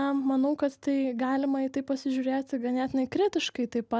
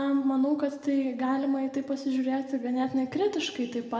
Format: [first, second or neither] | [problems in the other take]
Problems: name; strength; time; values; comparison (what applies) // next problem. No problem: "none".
first | room echo; dies away in 1.4 s